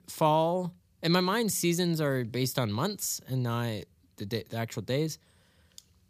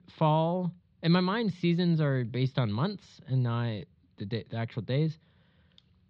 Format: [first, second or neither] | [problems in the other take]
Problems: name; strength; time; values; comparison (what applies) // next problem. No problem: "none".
first | muffled; very slightly; fading above 4 kHz